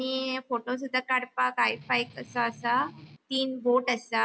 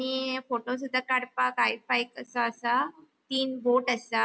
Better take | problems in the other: second | background sound (Strum); 20 dB below the speech

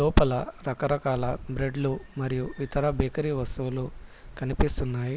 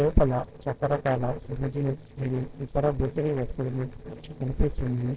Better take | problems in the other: first | noise reduction (neural separator model SepFormer DNS4)

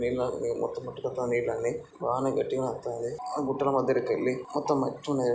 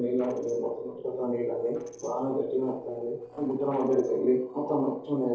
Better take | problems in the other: first | noise reduction (neural separator model SepFormer DNS4)

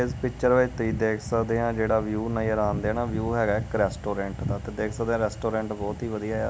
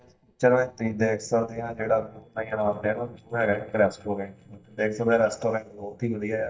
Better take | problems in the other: first | noise reduction (neural mask model DeepFilterNet 3)

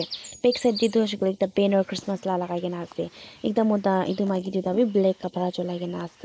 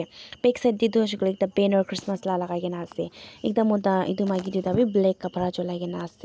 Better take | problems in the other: second | noise reduction (neural mask model Resemble Enhance denoiser)

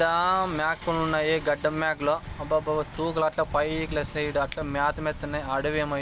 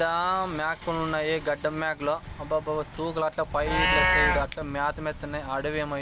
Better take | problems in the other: first | background sound (Livestock, farm animals, working animals); 3 dB below the speech

